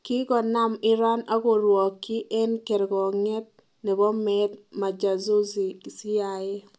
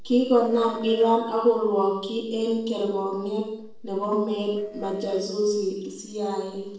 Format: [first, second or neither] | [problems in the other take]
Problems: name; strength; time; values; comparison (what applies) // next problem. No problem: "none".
first | noise reduction (neural separator model SepFormer DNS4)